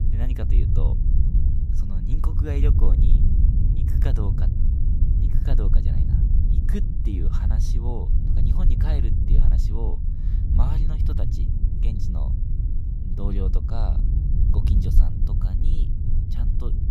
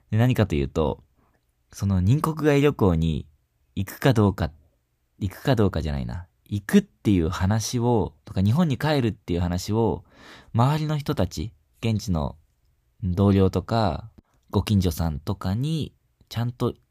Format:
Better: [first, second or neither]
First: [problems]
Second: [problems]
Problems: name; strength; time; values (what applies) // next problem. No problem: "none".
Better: second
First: low rumble; loud; throughout; as loud as the speech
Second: none